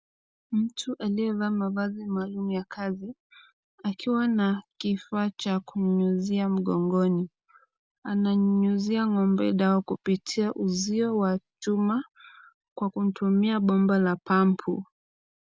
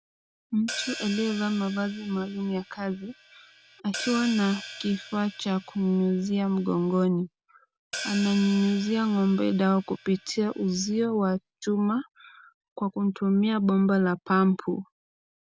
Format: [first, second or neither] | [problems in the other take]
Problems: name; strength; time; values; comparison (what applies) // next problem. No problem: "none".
first | background sound (Hi-hat); 14 dB below the speech